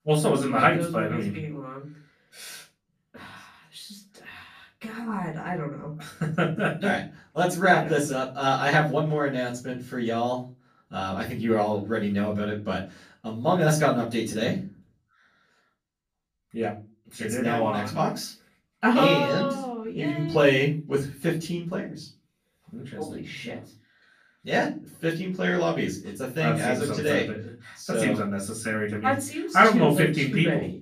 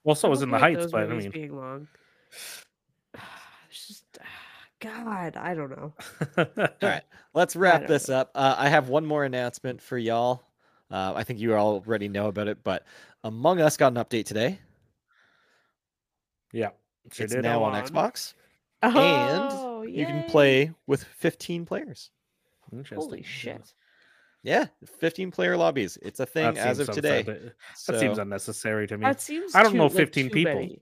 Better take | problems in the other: second | off-mic speech; far // room echo; slight; dies away in 0.3 s

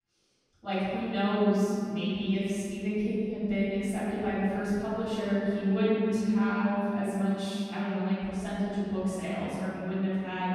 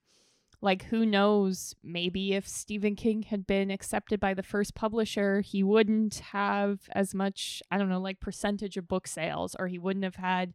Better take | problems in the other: second | room echo; strong; dies away in 3 s // off-mic speech; far

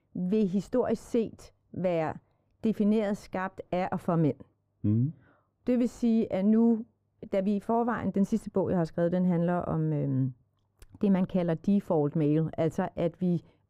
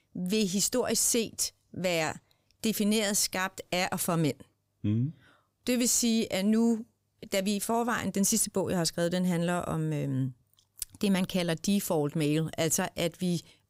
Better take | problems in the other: second | muffled; very; fading above 2.5 kHz

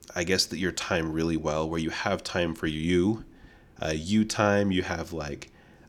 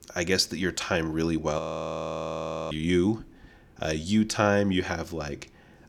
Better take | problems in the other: first | audio freezing; at 1.5 s for 1 s

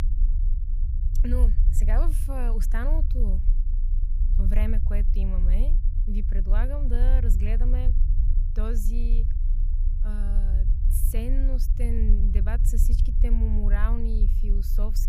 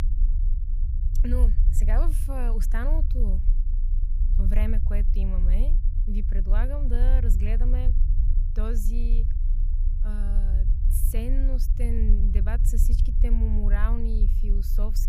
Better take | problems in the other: neither | low rumble; loud; throughout; 8 dB below the speech; the same in both

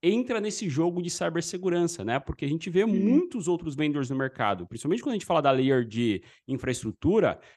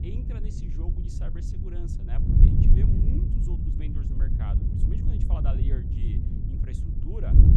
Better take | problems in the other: first | wind noise on the microphone; heavy; 5 dB above the speech

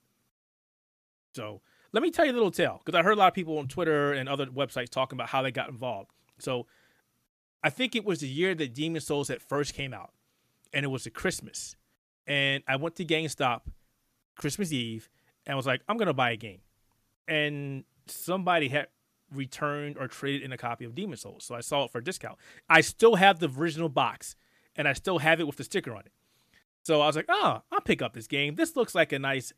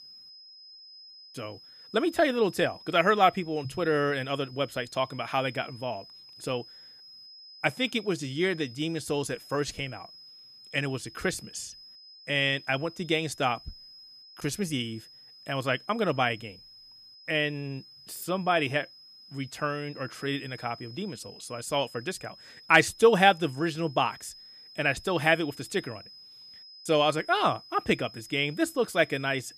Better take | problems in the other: first | high-pitched whine; noticeable; throughout; 5 kHz, 20 dB below the speech

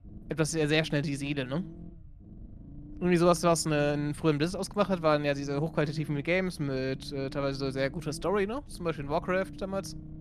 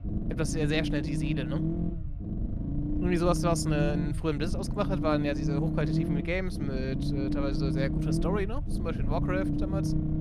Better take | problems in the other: first | low rumble; loud; throughout; 5 dB below the speech; faint in the first

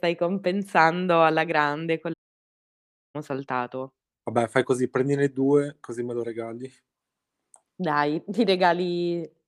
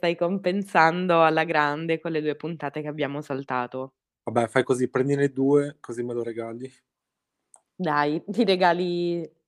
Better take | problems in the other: second | audio cutting out; at 2 s for 1 s

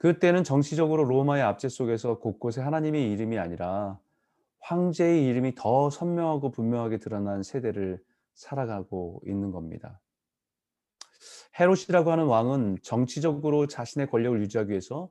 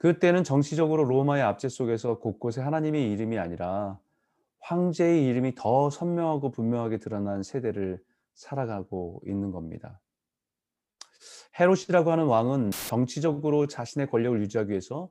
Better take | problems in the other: first | audio cutting out; filled with static; at 13 s

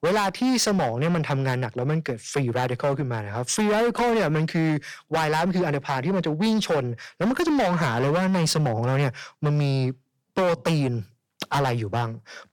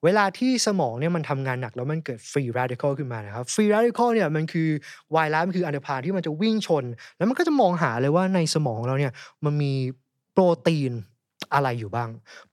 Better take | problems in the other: second | distortion; heavy; 19% of the sound clipped

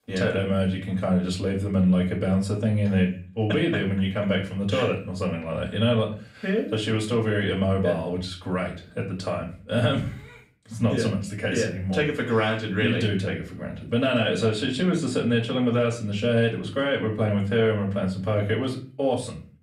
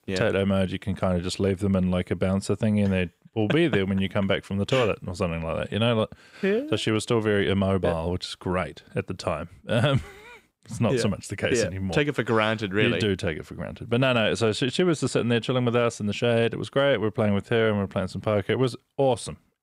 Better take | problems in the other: second | off-mic speech; far // room echo; slight; dies away in 0.4 s

